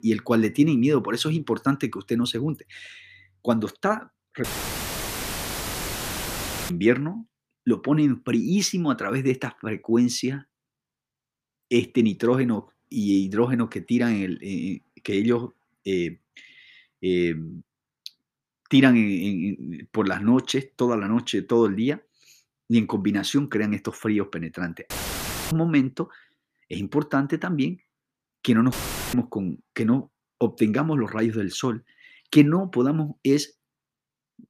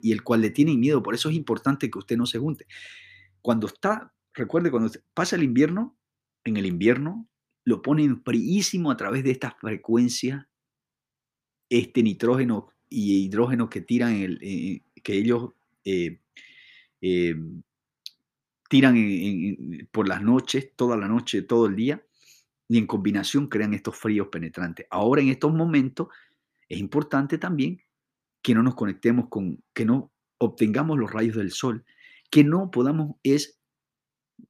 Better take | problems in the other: second | audio cutting out; filled with static; at 4.5 s for 2.5 s, at 25 s for 0.5 s and at 29 s

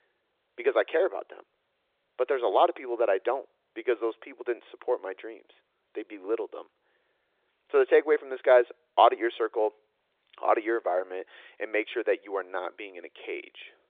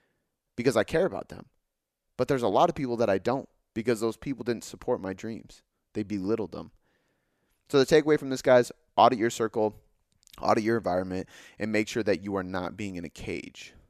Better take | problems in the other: second | phone-call audio

